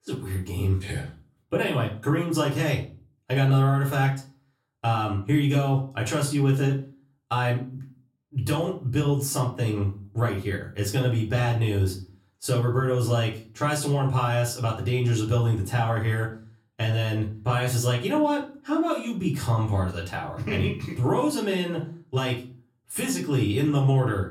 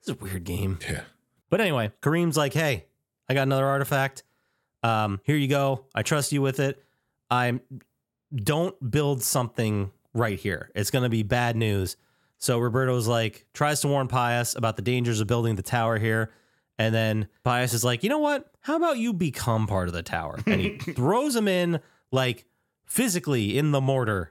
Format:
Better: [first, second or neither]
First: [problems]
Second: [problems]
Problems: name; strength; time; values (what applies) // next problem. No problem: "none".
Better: second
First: off-mic speech; far // room echo; slight; dies away in 0.3 s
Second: none